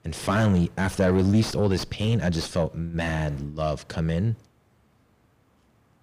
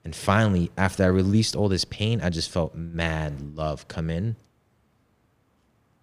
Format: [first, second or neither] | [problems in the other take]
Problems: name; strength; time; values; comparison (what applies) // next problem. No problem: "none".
second | distortion; heavy; 7 dB below the speech